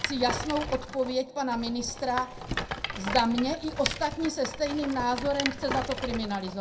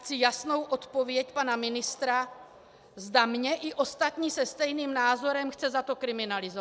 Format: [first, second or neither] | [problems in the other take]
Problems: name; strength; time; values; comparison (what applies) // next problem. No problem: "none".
second | background sound (Rattle); 6 dB below the speech // room echo; dies away in 0.2 s